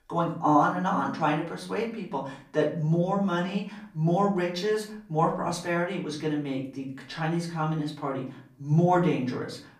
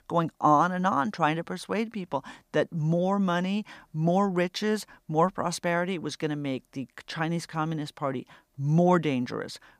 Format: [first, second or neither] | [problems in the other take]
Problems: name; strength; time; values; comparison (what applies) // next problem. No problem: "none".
second | off-mic speech; far // room echo; slight; dies away in 0.4 s